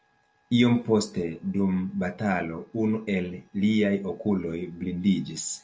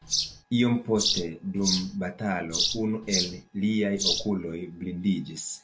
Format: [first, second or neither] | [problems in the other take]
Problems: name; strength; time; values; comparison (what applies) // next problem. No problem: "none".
first | background sound (Bird vocalization, bird call, bird song); 3 dB below the speech